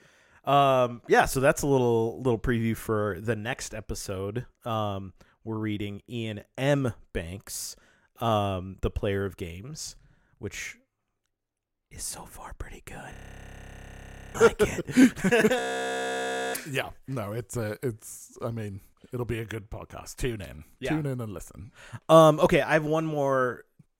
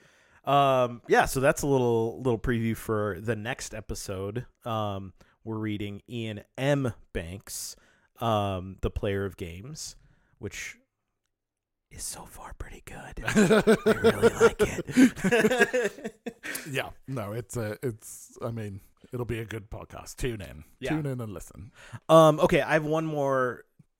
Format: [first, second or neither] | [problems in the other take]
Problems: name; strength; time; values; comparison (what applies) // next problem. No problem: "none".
second | audio freezing; at 13 s for 1 s and at 16 s for 1 s